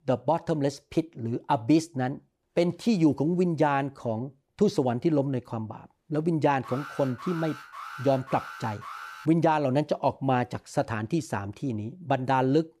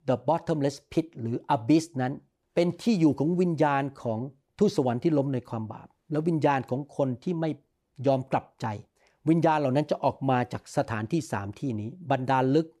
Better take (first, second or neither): second